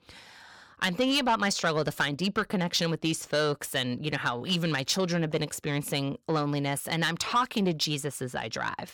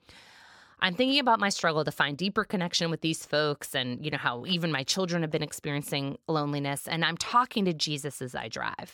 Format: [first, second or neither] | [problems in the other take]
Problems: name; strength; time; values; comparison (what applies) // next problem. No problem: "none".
second | distortion; slight; 10 dB below the speech